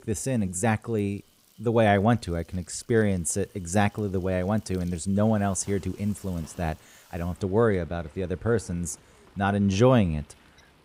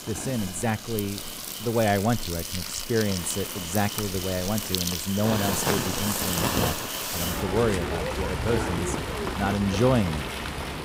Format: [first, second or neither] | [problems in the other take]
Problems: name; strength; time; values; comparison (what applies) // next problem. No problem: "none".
first | animal sounds; loud; throughout; 1 dB below the speech; faint in the first